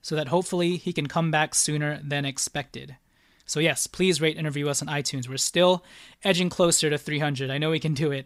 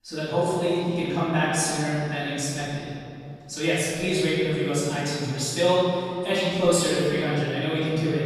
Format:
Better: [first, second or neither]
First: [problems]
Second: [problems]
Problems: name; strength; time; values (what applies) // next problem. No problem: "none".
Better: first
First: none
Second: off-mic speech; far // room echo; strong; dies away in 2.3 s